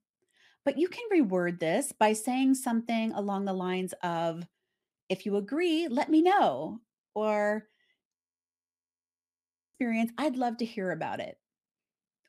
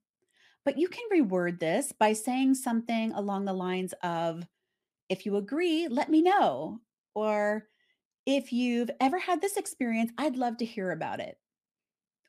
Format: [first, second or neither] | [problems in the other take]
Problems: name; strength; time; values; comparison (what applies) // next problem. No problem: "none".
second | audio freezing; at 8 s for 1.5 s